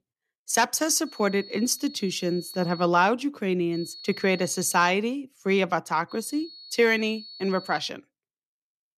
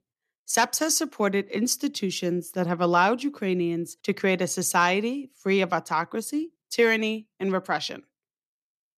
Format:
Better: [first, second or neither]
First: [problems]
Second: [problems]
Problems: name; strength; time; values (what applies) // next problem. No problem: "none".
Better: second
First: high-pitched whine; noticeable; from 1 to 3 s, from 3.5 to 5 s and from 6 to 8 s; 4.5 kHz, 15 dB below the speech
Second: none